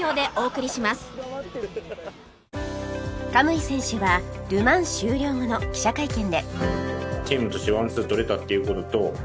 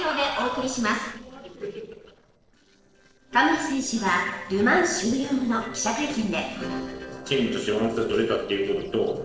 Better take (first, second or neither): first